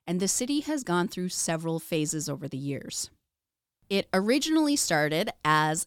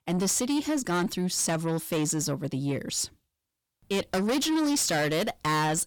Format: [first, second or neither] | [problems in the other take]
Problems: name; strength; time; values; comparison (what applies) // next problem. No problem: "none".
first | distortion; heavy; 7 dB below the speech